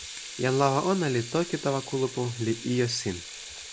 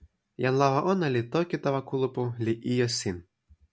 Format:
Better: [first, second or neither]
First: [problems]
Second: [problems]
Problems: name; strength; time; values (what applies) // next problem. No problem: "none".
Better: second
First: background sound (Sink (filling or washing) / Water tap, faucet); 12 dB below the speech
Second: none